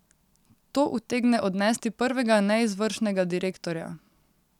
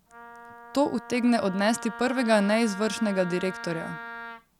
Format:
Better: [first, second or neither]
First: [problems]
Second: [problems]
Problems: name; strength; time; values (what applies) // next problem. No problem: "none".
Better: first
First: none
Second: background sound (Wind instrument, woodwind instrument); 13 dB below the speech